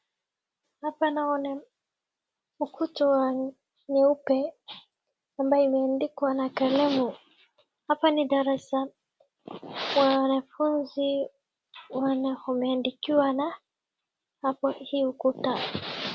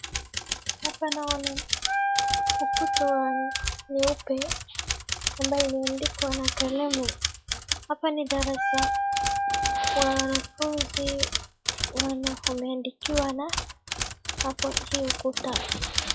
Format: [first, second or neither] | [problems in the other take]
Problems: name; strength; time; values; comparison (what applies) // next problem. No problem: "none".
first | noise reduction (classical method log-MMSE)